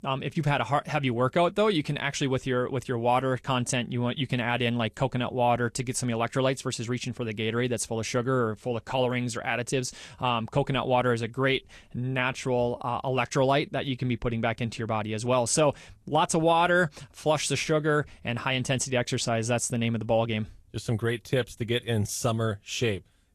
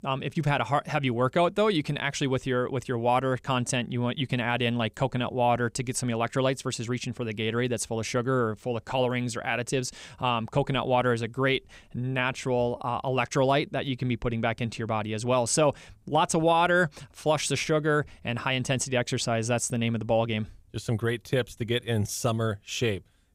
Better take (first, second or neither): second